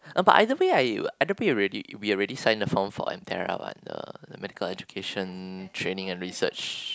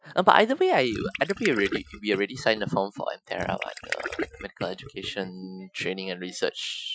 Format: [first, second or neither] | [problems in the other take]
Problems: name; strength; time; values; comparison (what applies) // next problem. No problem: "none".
first | noise reduction (classical method Wiener filter)